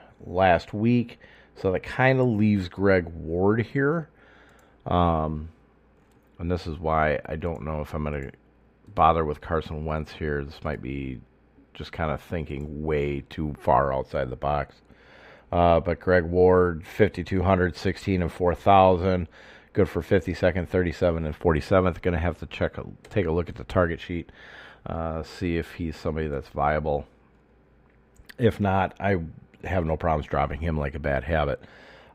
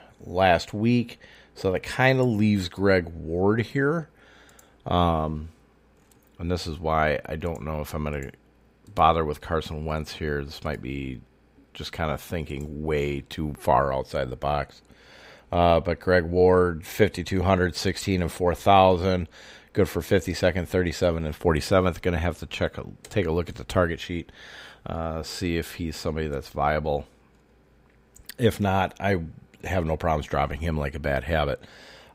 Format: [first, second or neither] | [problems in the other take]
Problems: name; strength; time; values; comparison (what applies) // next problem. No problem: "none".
second | muffled; slightly; fading above 3.5 kHz